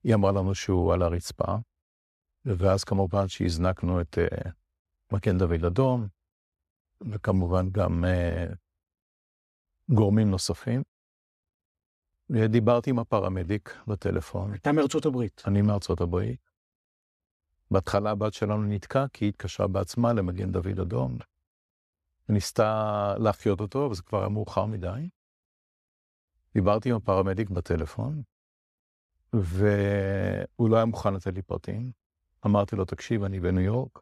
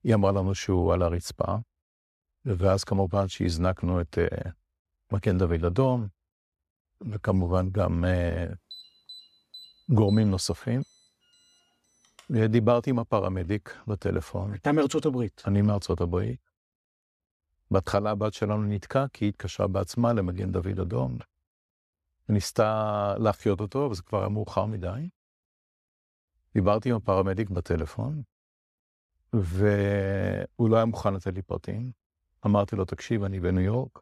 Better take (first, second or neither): first